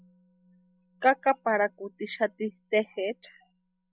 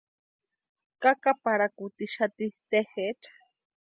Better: second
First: noise reduction (classical method log-MMSE)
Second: none

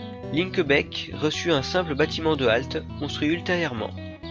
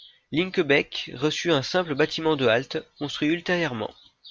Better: second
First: background sound (Guitar); 10 dB below the speech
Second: none

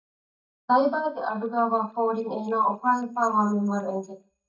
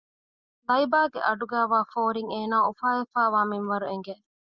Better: second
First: noise reduction (neural mask model DeepFilterNet 3)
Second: none

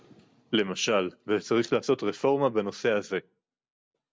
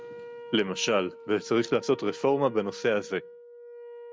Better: first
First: none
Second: background sound (Wind instrument, woodwind instrument); 15 dB below the speech

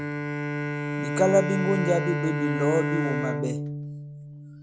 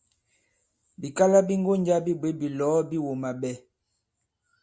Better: second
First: background sound (Bowed string instrument); 1 dB below the speech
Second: none

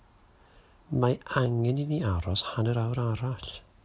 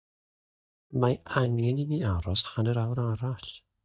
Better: first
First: none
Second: noise reduction (neural mask model DeepFilterNet 3)

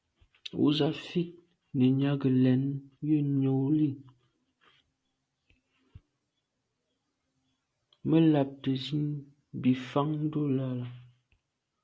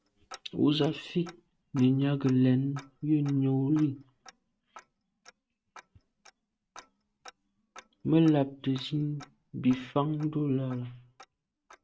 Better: first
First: none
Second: noise reduction (neural mask model RNNoise)

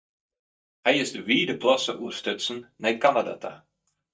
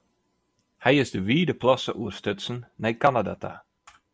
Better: second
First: noise reduction (neural mask model DeepFilterNet 3)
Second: none

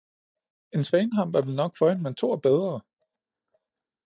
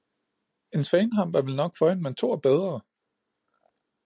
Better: second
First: noise reduction (neural mask model DeepFilterNet 3)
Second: none

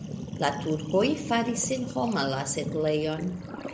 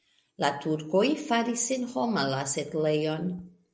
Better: second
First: background sound (Sink (filling or washing)); 9 dB below the speech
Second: none

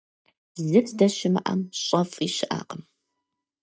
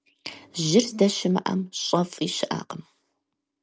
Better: second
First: noise reduction (neural mask model DeepFilterNet 3)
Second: none

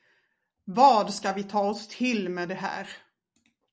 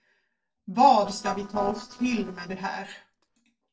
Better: first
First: none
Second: noise reduction (neural separator model SepFormer DNS4)

